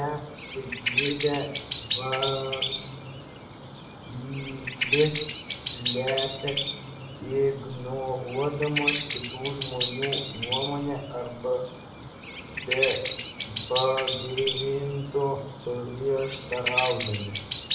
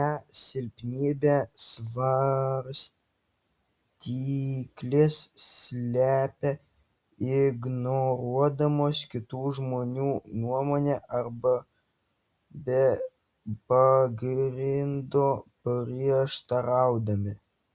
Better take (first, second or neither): second